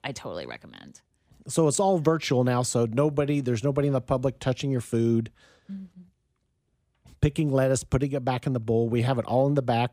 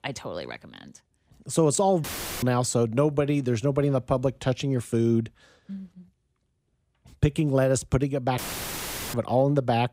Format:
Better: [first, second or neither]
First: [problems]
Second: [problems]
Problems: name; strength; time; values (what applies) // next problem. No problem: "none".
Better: first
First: none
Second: audio cutting out; filled with static; at 2 s and at 8.5 s for 1 s